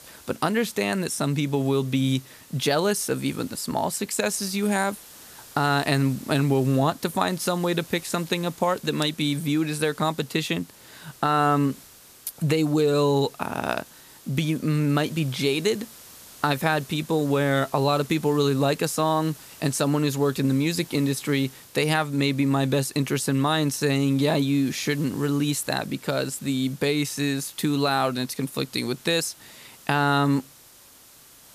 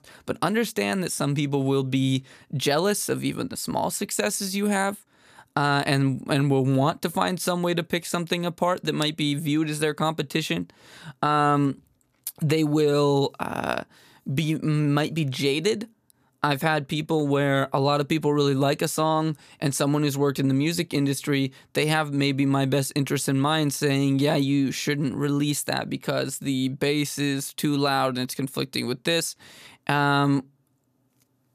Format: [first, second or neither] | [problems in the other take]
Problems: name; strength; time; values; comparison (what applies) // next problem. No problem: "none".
second | hiss; faint; throughout; 20 dB below the speech